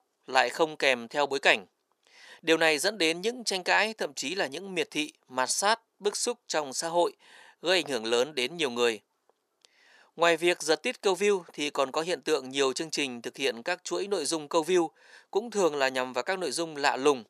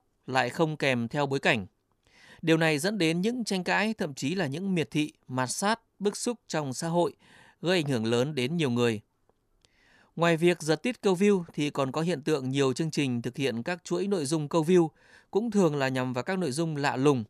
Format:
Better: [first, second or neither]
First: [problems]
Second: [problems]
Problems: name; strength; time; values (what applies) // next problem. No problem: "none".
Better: second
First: thin; somewhat; fading below 500 Hz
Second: none